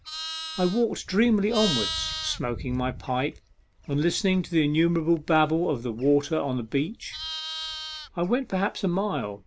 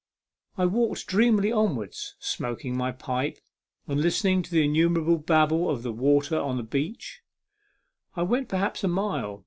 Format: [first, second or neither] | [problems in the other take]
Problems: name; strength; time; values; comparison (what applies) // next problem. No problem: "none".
second | background sound (Livestock, farm animals, working animals); 11 dB below the speech